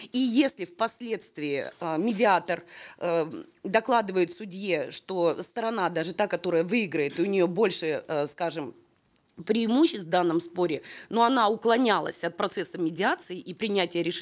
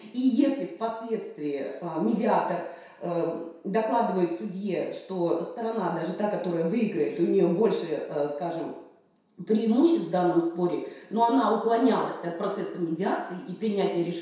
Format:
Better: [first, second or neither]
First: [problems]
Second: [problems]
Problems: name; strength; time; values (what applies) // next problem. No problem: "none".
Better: first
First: none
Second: room echo; dies away in 0.7 s